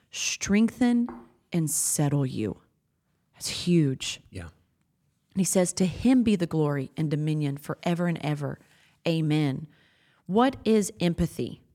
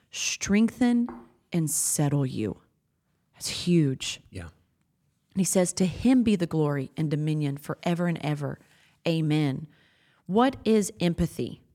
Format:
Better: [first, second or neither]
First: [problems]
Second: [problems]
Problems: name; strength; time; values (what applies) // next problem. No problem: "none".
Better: neither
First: none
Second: none